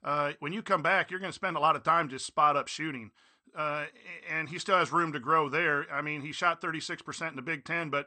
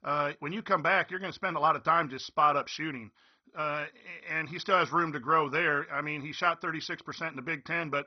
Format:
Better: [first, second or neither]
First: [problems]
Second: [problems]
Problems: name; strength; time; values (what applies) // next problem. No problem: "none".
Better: first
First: garbled, watery; slightly; nothing above 8.5 kHz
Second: garbled, watery; badly; nothing above 6 kHz